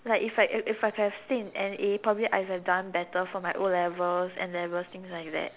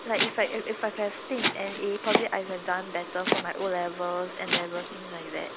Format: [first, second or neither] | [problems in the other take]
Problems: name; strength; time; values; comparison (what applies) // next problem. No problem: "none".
first | background sound (Domestic sounds, home sounds); 2 dB below the speech